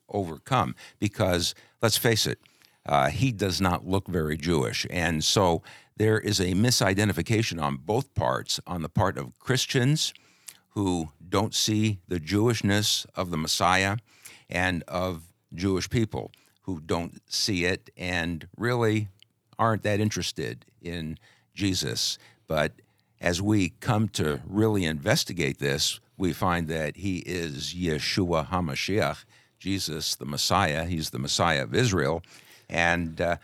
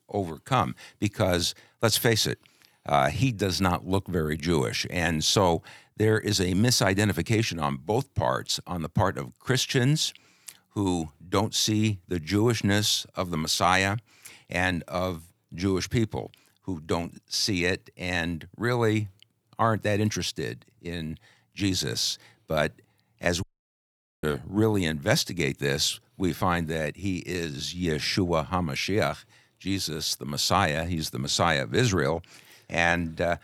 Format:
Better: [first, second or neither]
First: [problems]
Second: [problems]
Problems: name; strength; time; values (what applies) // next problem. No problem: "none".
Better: first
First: none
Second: audio cutting out; at 23 s for 1 s